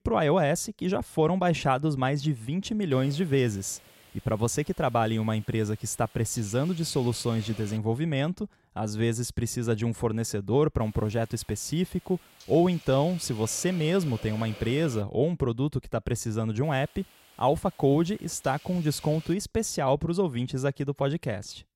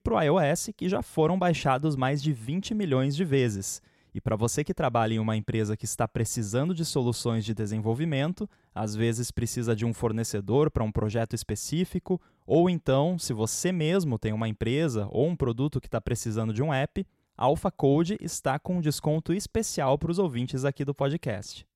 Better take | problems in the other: second | hiss; faint; from 3 to 8 s, from 11 to 15 s and from 17 to 19 s; 20 dB below the speech

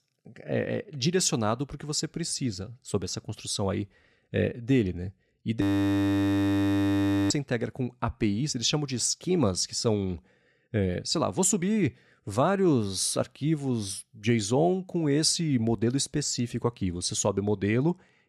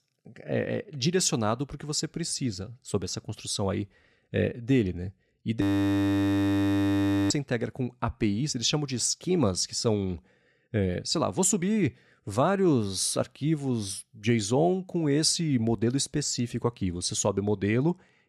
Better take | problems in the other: neither | audio freezing; at 5.5 s for 1.5 s; the same in both

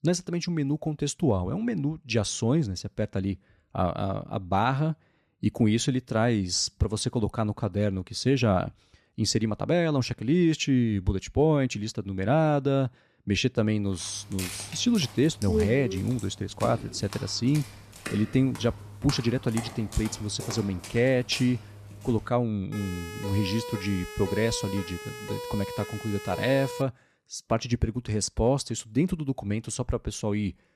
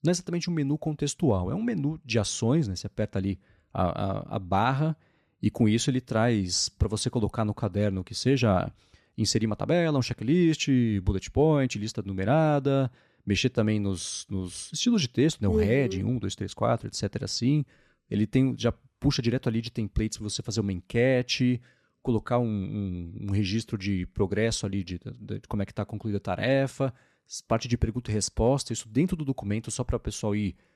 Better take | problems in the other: second | footsteps; noticeable; from 14 to 22 s; peak 8 dB below the speech // siren; noticeable; from 23 to 27 s; peak 8 dB below the speech

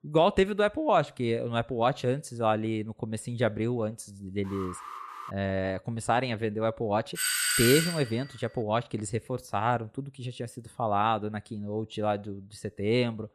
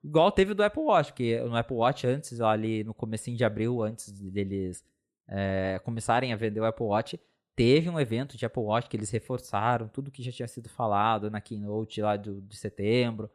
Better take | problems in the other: second | alarm; faint; at 4.5 s; peak 10 dB below the speech // doorbell; loud; at 7 s; peak 5 dB above the speech

